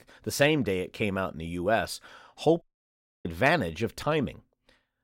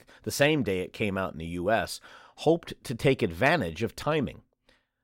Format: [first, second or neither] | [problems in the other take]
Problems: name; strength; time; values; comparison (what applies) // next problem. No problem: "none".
second | audio cutting out; at 2.5 s for 0.5 s